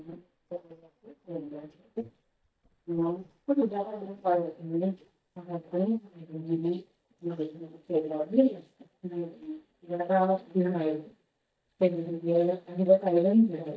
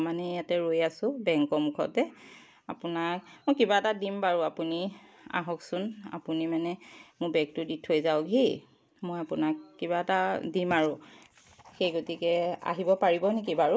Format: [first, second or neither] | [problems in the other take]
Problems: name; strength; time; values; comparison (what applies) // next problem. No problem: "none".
second | noise reduction (neural mask model DeepFilterNet 3)